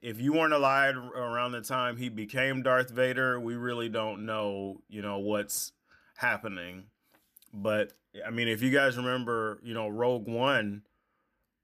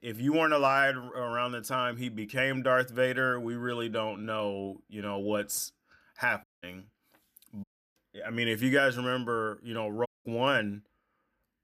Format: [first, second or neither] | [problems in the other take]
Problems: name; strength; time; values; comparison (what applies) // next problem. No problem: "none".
first | audio cutting out; at 6.5 s, at 7.5 s and at 10 s